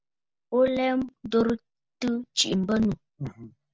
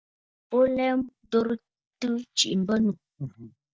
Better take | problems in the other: first | noise reduction (neural mask model DeepFilterNet 3)

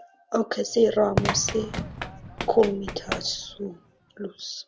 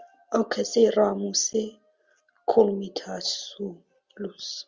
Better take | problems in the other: second | background sound (Fireworks + Run); 7 dB below the speech

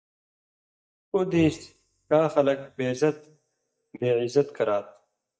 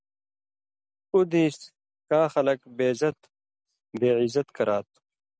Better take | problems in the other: second | noise reduction (neural mask model DeepFilterNet 3)

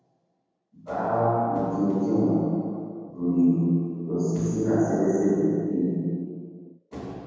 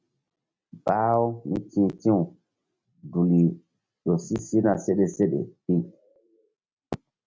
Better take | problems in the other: second | room echo; dies away in 2.1 s

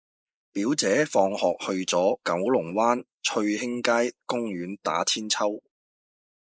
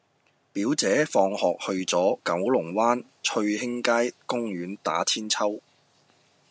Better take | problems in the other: second | noise reduction (neural mask model Resemble Enhance denoiser)

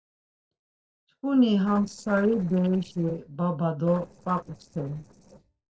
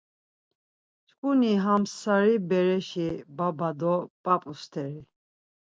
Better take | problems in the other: second | noise reduction (neural separator model SepFormer DNS4)

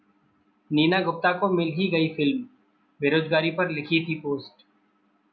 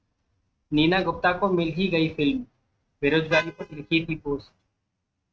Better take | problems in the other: first | noise reduction (neural mask model RNNoise)

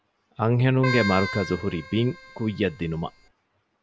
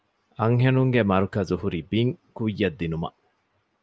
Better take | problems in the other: second | background sound (Keyboard (musical)); 9 dB below the speech

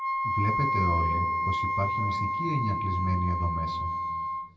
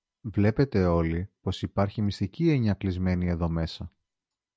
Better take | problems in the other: second | background sound (Wind instrument, woodwind instrument); 2 dB above the speech // room echo; dies away in 2 s

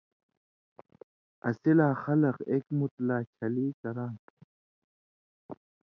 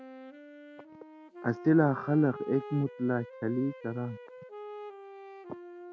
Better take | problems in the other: first | background sound (Wind instrument, woodwind instrument); 14 dB below the speech

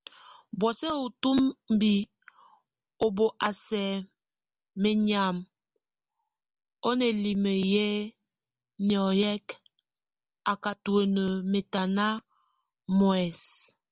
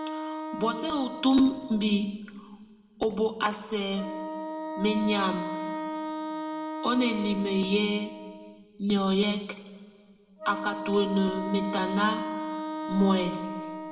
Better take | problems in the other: first | background sound (Wind instrument, woodwind instrument); 7 dB below the speech // room echo; dies away in 1.7 s

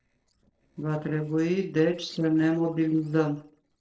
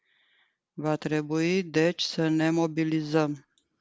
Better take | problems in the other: second | noise reduction (neural separator model SepFormer DNS4)

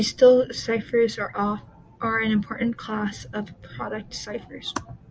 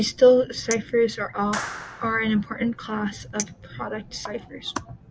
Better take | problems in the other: first | background sound (Clapping + Chink, clink); 14 dB below the speech

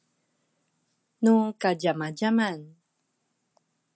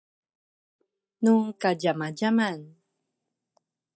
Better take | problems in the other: first | noise reduction (neural mask model DeepFilterNet 3)

